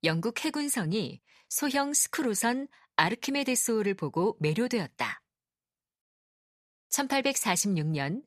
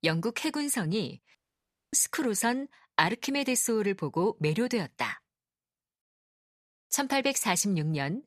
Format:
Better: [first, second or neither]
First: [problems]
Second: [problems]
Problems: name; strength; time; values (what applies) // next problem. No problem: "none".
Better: first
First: none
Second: audio cutting out; at 1.5 s for 0.5 s